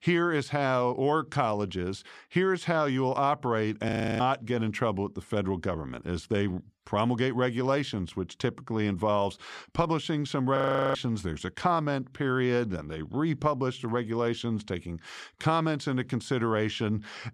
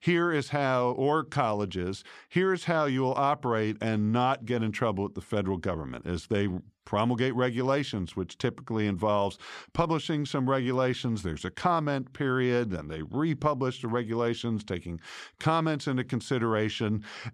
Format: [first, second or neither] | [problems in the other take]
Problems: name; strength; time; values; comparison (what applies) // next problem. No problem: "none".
second | audio freezing; at 4 s and at 11 s